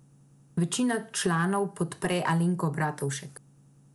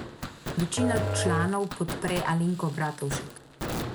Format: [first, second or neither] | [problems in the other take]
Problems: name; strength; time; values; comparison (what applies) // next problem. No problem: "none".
first | background sound (Musical instrument + Fireworks); 3 dB below the speech